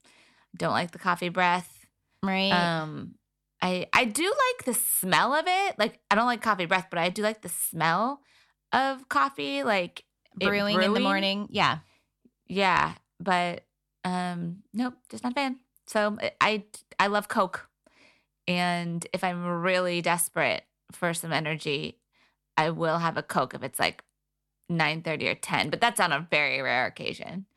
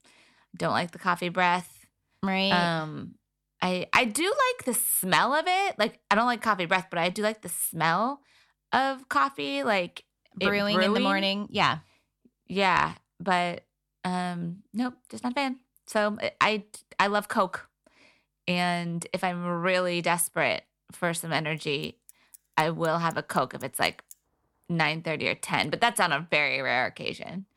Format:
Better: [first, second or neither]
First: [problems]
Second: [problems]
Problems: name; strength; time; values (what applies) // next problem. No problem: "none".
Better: first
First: none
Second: traffic noise; faint; from 22 s on; 25 dB below the speech